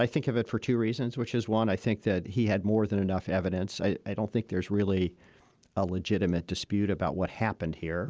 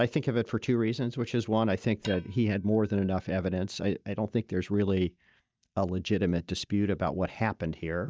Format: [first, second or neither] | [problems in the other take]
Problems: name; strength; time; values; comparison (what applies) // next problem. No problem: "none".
first | noise reduction (neural mask model DeepFilterNet 3)